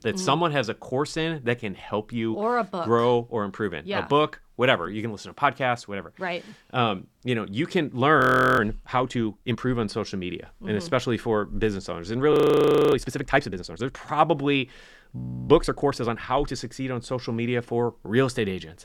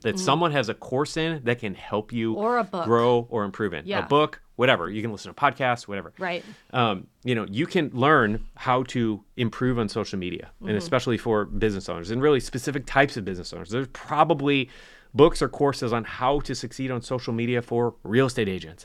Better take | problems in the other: second | audio freezing; at 8 s, at 12 s for 0.5 s and at 15 s

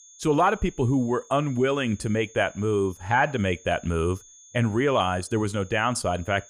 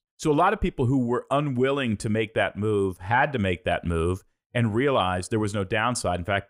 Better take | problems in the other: second | high-pitched whine; faint; throughout; 6.5 kHz, 25 dB below the speech

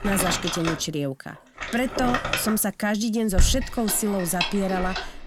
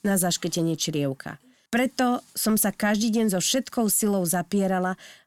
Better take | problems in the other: second | household noises; loud; throughout; 4 dB below the speech

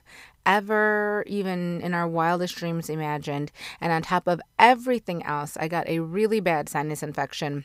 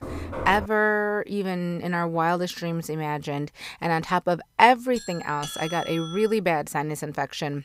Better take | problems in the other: first | door banging; noticeable; at the start; peak 8 dB below the speech // doorbell; noticeable; from 5 to 6.5 s; peak 10 dB below the speech

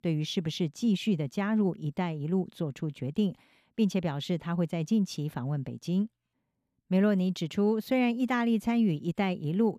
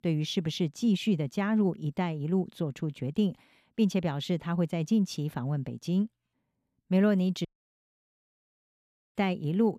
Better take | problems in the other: first | audio cutting out; at 7.5 s for 1.5 s

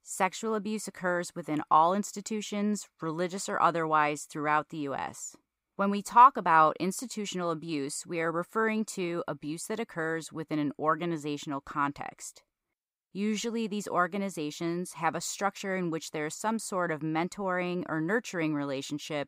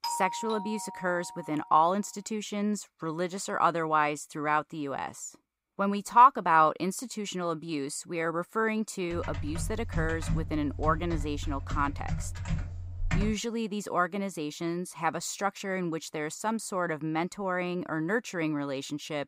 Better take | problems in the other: first | doorbell; noticeable; until 1.5 s; peak 4 dB below the speech // keyboard typing; noticeable; from 9 to 13 s; peak 3 dB below the speech

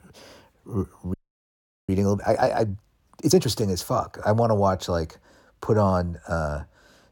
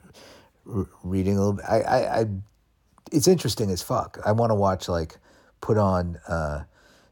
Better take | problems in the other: second | audio freezing; at 1 s for 1 s

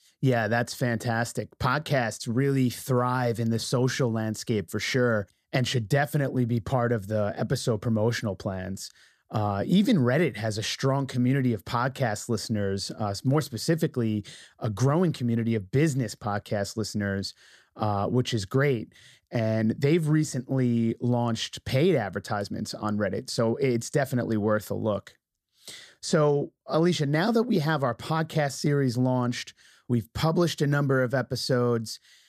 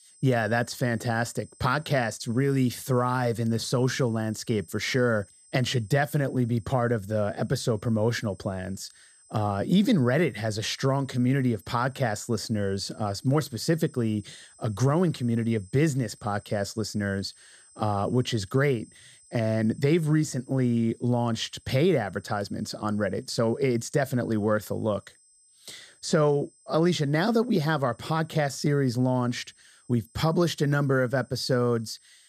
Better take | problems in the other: first | high-pitched whine; faint; throughout; 8 kHz, 30 dB below the speech

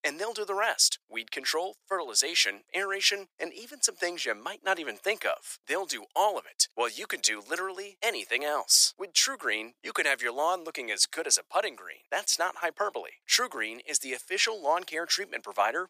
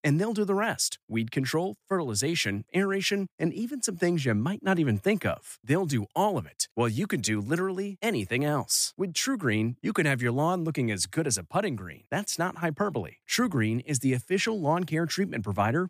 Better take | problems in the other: second | thin; very; fading below 500 Hz

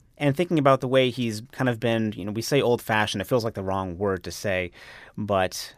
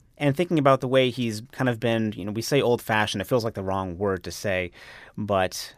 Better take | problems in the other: neither | none

